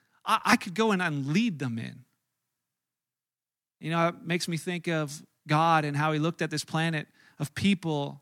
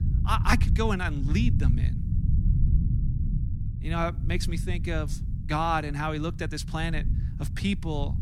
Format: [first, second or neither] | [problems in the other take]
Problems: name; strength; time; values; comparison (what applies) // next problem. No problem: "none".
first | low rumble; noticeable; throughout; 15 dB below the speech